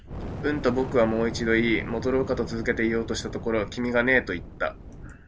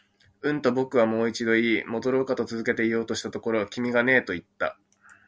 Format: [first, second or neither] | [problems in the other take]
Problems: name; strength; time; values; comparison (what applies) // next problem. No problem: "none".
second | background sound (Fire); 10 dB below the speech